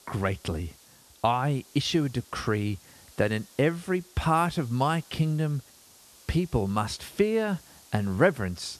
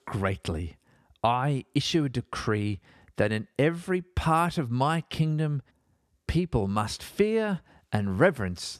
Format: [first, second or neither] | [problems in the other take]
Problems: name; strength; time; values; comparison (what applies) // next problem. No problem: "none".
second | hiss; faint; throughout; 25 dB below the speech